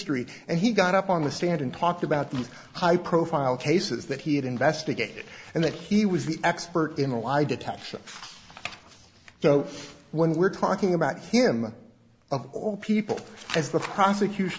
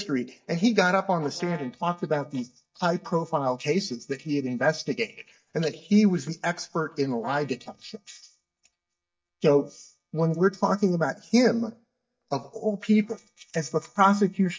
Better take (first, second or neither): first